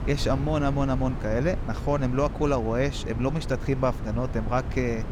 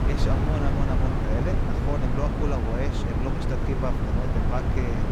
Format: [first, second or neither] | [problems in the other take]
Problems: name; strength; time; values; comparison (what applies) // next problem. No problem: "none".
first | wind noise on the microphone; heavy; 1 dB above the speech; occasional gusts in the first